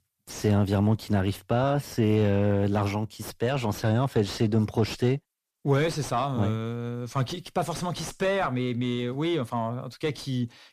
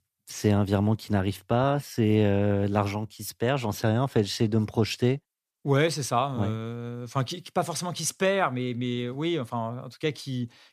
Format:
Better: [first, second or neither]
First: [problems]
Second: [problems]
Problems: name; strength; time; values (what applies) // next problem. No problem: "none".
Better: second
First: distortion; slight; 10 dB below the speech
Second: none